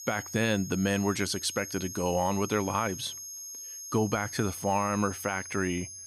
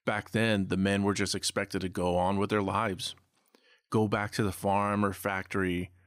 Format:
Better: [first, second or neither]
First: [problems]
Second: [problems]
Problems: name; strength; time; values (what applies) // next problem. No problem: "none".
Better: second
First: high-pitched whine; loud; throughout; 6.5 kHz, 9 dB below the speech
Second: none